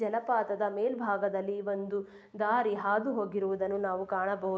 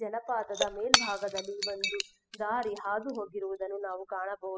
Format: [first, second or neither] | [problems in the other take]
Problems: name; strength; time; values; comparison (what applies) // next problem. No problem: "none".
first | noise reduction (classical method spectral subtraction)